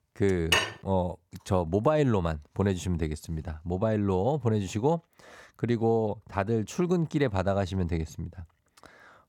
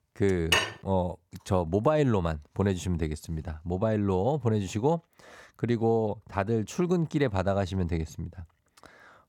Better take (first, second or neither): neither